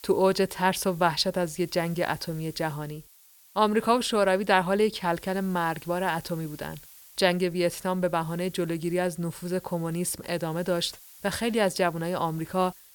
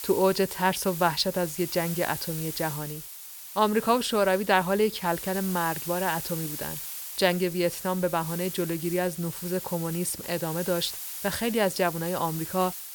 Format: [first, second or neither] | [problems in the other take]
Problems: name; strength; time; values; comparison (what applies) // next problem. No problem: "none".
first | hiss; loud; throughout; 8 dB below the speech; faint in the first